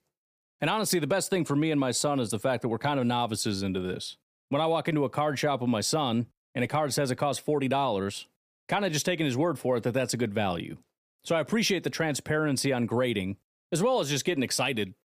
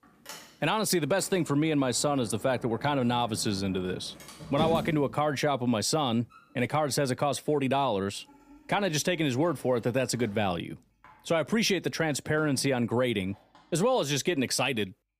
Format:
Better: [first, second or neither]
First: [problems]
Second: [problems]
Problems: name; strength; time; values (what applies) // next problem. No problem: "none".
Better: first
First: none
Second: household noises; noticeable; throughout; 15 dB below the speech